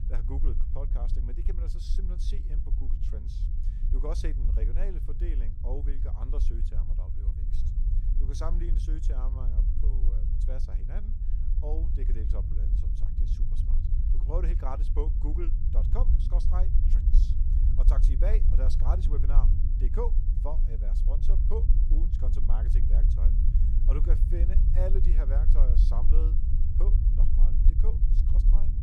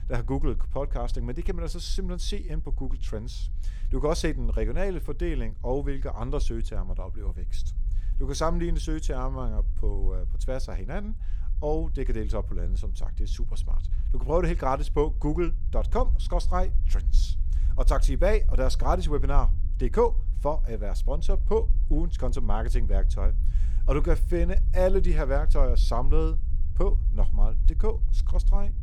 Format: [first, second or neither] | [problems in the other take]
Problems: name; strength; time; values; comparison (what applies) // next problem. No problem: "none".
second | low rumble; loud; throughout; 5 dB below the speech; faint in the second